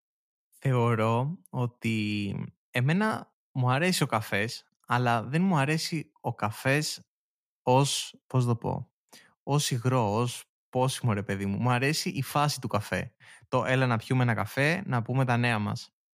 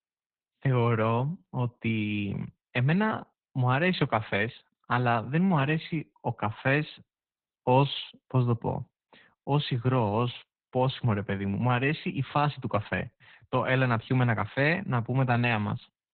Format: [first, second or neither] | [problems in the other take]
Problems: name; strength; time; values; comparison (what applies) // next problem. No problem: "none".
first | garbled, watery; badly; nothing above 4 kHz